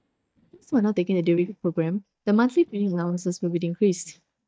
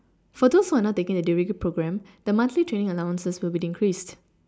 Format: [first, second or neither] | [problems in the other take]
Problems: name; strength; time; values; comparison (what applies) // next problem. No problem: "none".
second | noise reduction (neural mask model DeepFilterNet 3)